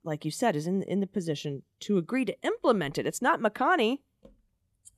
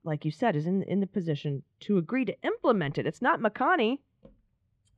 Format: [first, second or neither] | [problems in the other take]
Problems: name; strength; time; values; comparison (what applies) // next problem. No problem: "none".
first | muffled; slightly; fading above 2.5 kHz